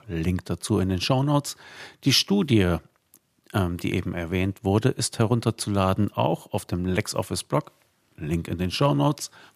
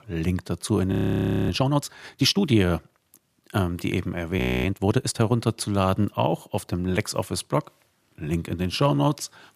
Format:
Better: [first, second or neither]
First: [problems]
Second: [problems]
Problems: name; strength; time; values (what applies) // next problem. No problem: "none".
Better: first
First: none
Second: audio freezing; at 1 s for 0.5 s and at 4.5 s